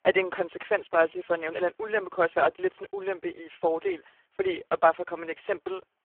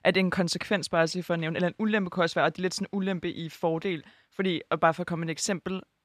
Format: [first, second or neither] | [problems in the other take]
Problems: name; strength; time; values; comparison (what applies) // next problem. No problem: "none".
second | phone-call audio; poor line